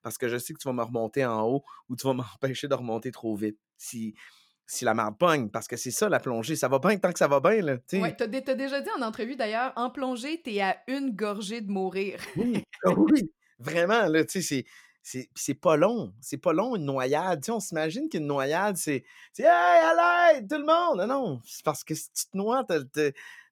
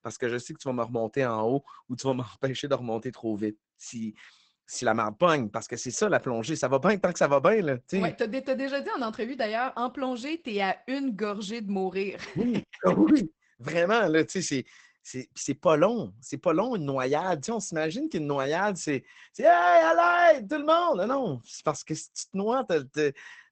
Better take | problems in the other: first | garbled, watery; badly; nothing above 8 kHz

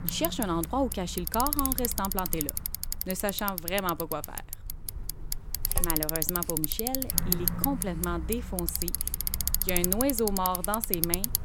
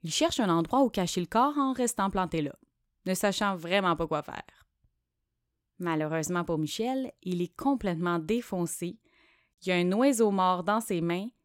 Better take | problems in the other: second | traffic noise; very loud; throughout; 1 dB above the speech

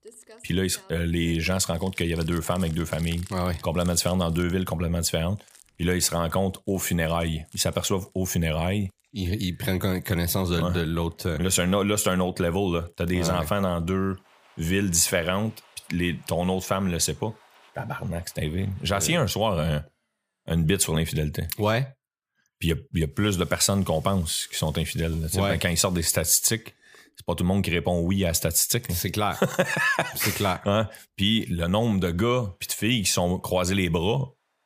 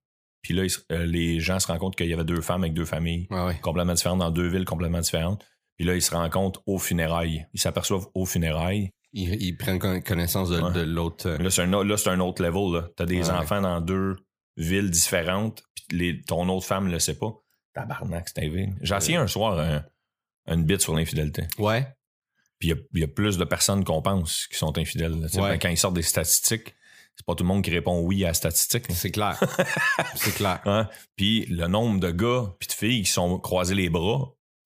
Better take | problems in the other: second | household noises; faint; throughout; 25 dB below the speech

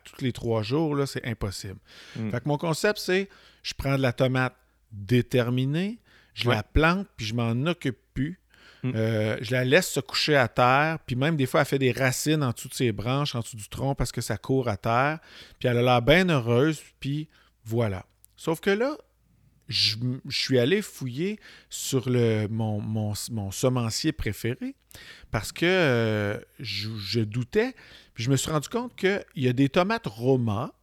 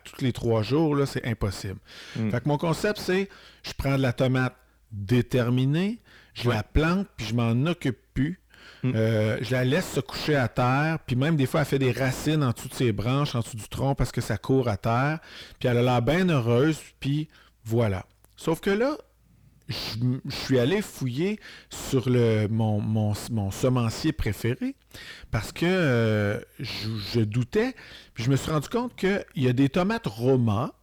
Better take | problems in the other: first | distortion; heavy; 8 dB below the speech

